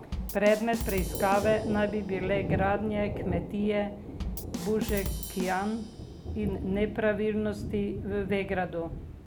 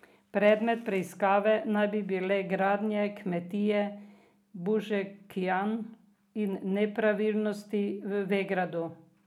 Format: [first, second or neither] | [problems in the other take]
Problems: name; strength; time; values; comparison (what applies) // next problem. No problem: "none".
second | background sound (Bass drum / Drum kit + Thunder); 6 dB below the speech